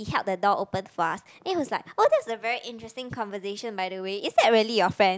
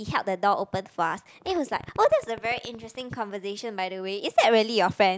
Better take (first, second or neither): first